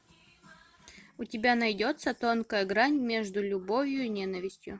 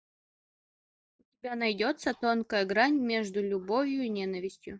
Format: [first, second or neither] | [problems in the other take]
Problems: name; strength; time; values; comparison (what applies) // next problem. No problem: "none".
first | noise reduction (neural mask model DeepFilterNet 3)